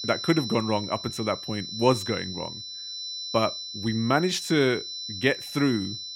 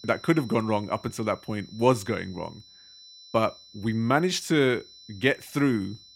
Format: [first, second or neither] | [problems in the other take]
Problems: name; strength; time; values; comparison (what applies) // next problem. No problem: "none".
second | high-pitched whine; loud; throughout; 4 kHz, 7 dB below the speech; faint in the second